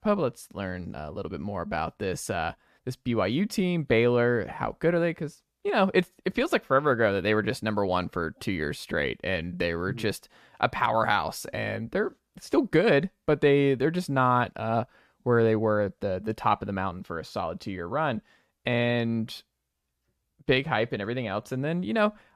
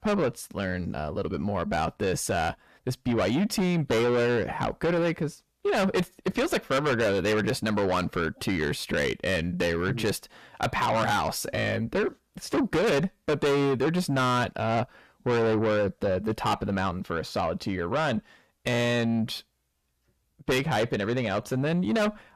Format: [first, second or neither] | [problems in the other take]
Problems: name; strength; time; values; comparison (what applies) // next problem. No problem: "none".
first | distortion; heavy; 6 dB below the speech